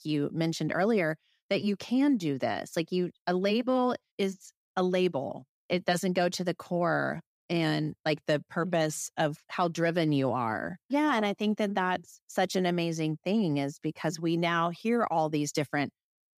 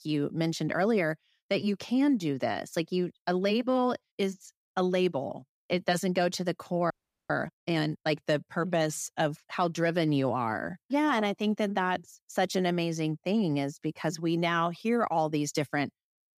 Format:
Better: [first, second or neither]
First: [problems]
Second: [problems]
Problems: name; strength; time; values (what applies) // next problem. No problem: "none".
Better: first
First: none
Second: audio freezing; at 7 s